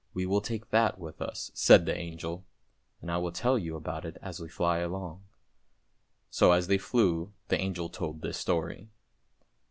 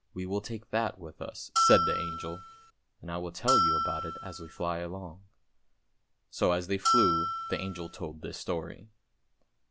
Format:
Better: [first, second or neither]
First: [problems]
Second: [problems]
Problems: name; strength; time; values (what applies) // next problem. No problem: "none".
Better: first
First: none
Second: background sound (Bell); 5 dB above the speech